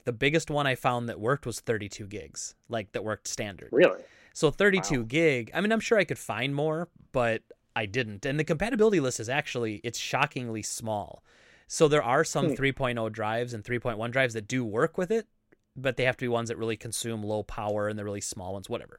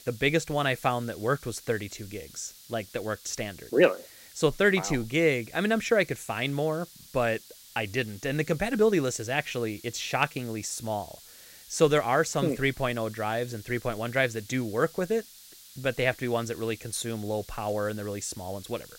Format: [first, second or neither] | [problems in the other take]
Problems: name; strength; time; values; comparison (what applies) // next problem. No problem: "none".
first | hiss; noticeable; throughout; 20 dB below the speech